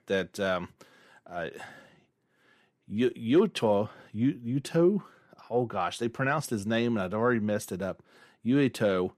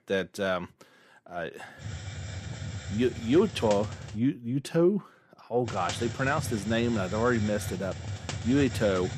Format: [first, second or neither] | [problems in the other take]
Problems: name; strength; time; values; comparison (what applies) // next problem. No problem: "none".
first | hiss; loud; from 2 to 4 s and from 5.5 s on; 9 dB below the speech